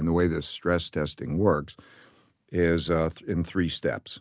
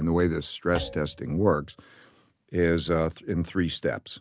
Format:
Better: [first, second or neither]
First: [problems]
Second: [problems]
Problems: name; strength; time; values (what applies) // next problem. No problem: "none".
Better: first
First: none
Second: background sound (Thump, thud); 16 dB below the speech